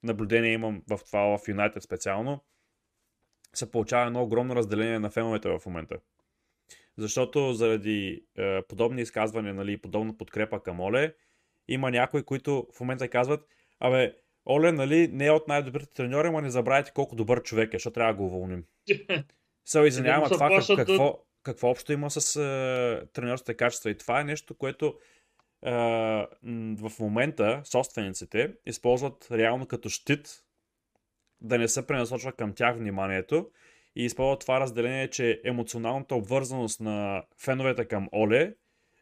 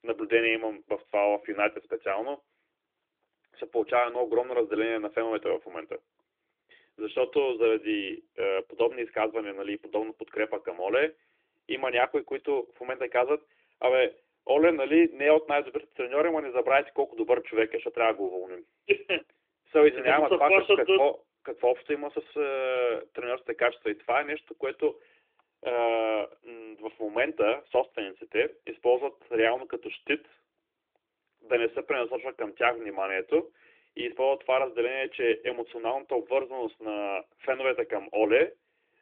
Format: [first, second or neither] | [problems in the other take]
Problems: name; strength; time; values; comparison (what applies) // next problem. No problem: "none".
first | phone-call audio